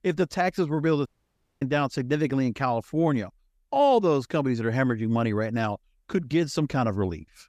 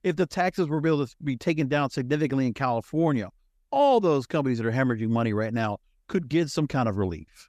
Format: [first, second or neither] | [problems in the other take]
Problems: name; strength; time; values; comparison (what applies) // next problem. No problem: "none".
second | audio cutting out; at 1 s for 0.5 s